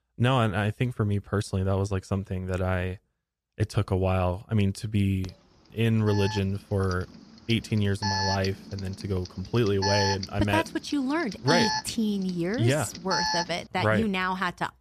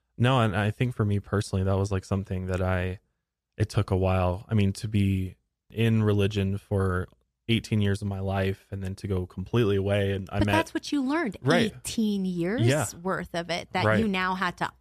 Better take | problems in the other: second | alarm; loud; from 5 to 14 s; peak 1 dB above the speech

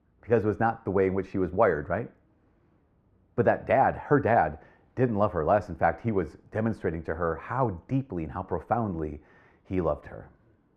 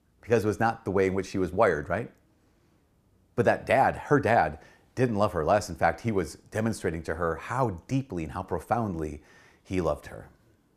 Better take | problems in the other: second | muffled; very; fading above 3.5 kHz

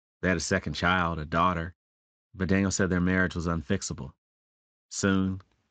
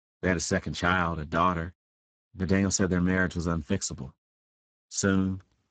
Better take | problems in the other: first | garbled, watery; badly; nothing above 7.5 kHz; slightly in the first

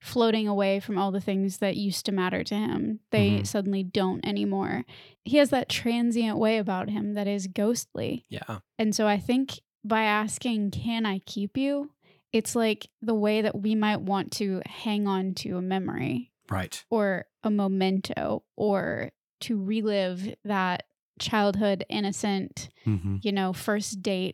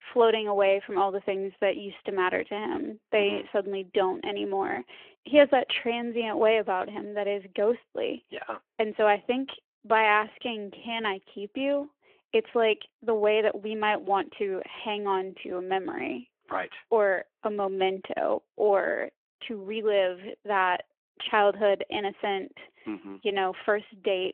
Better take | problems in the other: first | phone-call audio

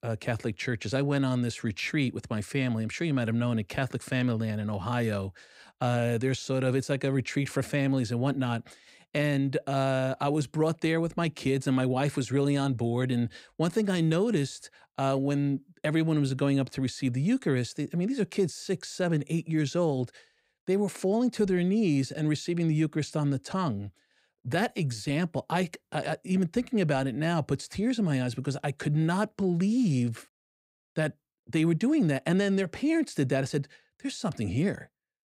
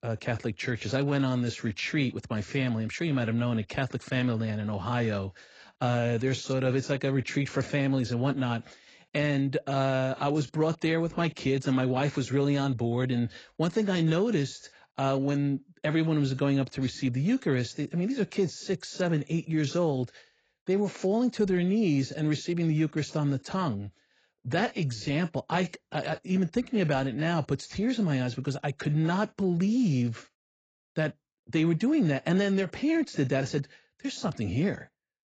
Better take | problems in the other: first | garbled, watery; badly; nothing above 7.5 kHz

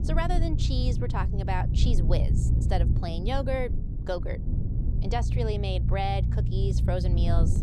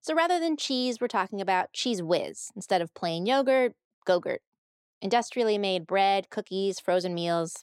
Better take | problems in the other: second | low rumble; loud; throughout; 8 dB below the speech

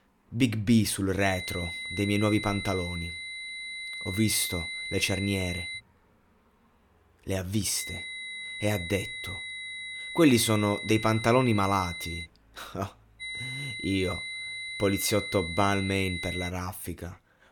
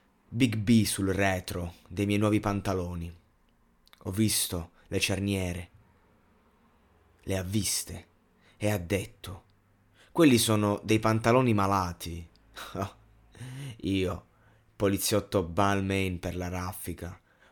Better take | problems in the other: second | high-pitched whine; loud; from 1 to 6 s, from 8 to 12 s and from 13 to 16 s; 2 kHz, 7 dB below the speech

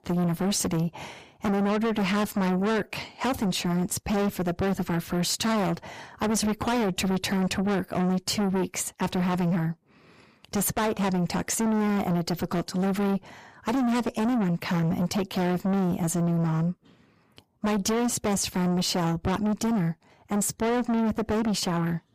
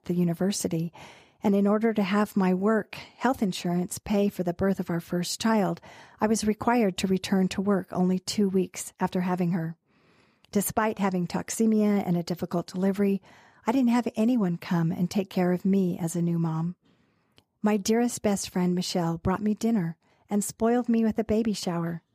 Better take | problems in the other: second | distortion; heavy; 6 dB below the speech

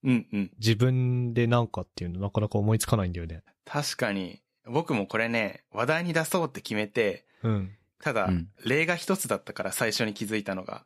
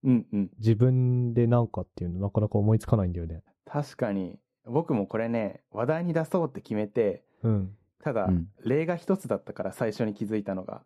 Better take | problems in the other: first | muffled; very; fading above 1.5 kHz

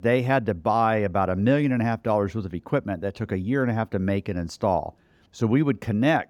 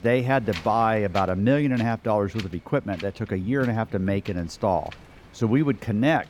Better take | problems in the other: first | wind noise on the microphone; occasional gusts; 15 dB below the speech

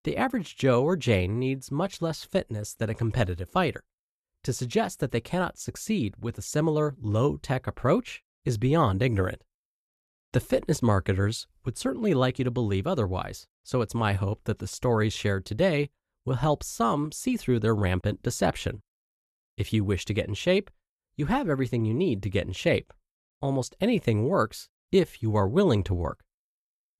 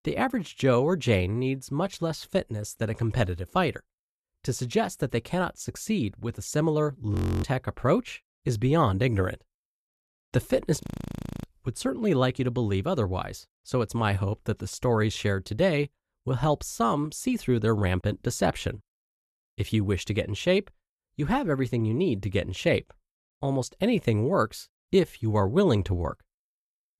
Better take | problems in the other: first | audio freezing; at 7 s and at 11 s for 0.5 s

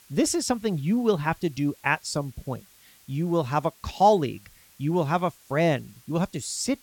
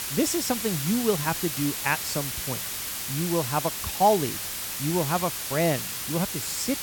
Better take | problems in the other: first | hiss; loud; throughout; 2 dB below the speech; faint in the first

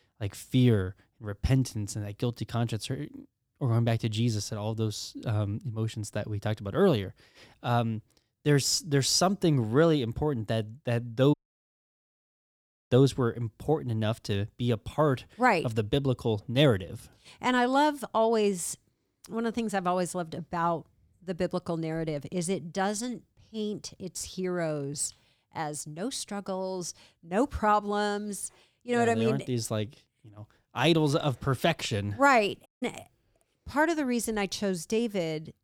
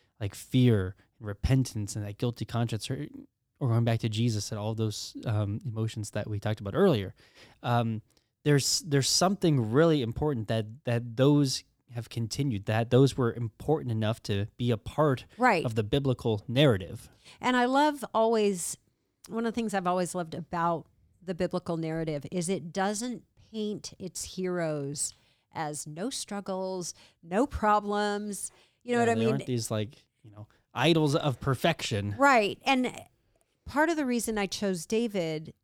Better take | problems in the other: second | audio cutting out; at 11 s for 1.5 s and at 33 s

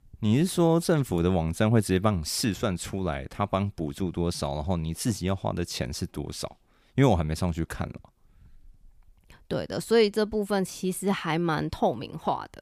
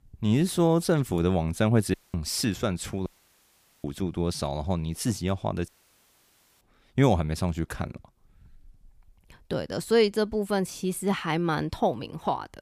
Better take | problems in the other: first | audio cutting out; at 2 s, at 3 s for 1 s and at 5.5 s for 1 s

